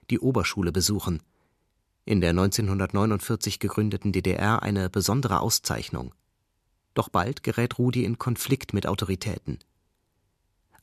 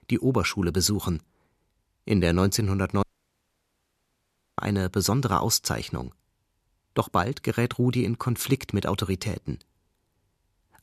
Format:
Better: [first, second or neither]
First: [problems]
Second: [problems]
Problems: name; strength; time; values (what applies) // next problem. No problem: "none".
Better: first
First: none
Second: audio cutting out; at 3 s for 1.5 s